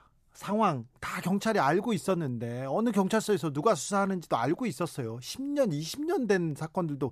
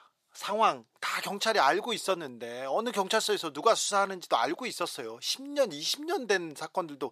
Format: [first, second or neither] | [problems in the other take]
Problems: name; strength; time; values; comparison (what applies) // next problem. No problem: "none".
first | thin; somewhat; fading below 500 Hz